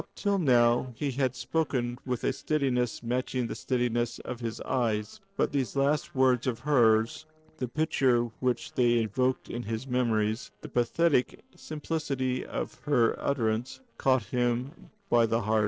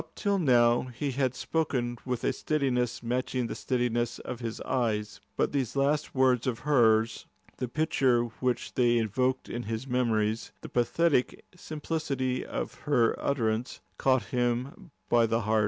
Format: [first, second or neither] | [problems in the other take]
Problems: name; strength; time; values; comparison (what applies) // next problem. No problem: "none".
second | noise reduction (neural separator model SepFormer DNS4)